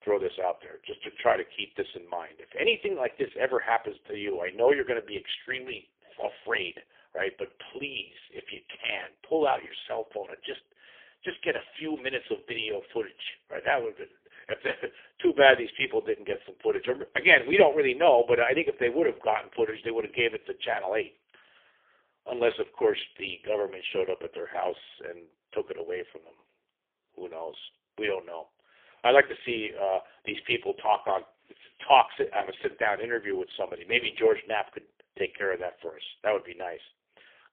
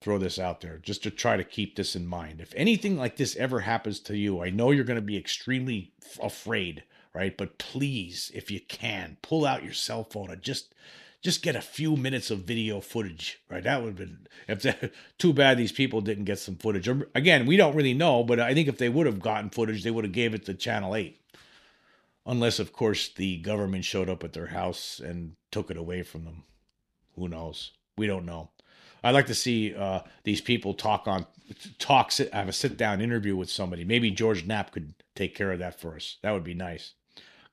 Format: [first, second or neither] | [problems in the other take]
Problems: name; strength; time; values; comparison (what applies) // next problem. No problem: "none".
second | phone-call audio; poor line; nothing above 3.5 kHz